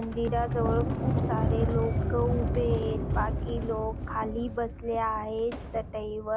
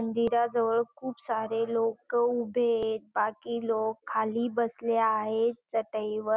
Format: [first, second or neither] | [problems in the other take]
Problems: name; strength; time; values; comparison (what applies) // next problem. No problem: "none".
second | background sound (Sliding door); 1 dB above the speech